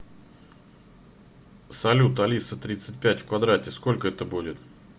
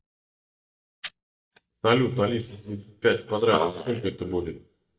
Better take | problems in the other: first | noise reduction (neural mask model DeepFilterNet 3)

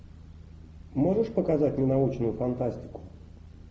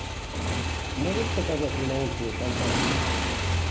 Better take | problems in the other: first | background sound (Motorcycle); 5 dB above the speech

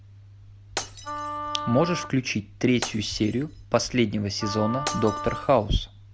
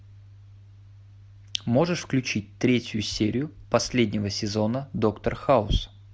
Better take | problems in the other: second | background sound (Shatter + Wind instrument, woodwind instrument); 9 dB below the speech

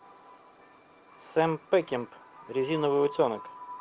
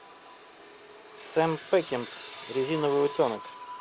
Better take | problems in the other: first | background sound (Sawing); 17 dB below the speech

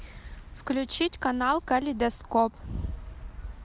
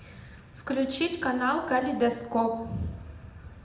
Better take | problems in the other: first | room echo; dies away in 0.7 s

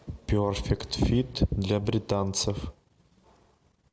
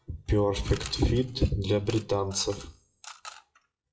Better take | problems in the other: first | noise reduction (classical method WPE with log-MMSE)

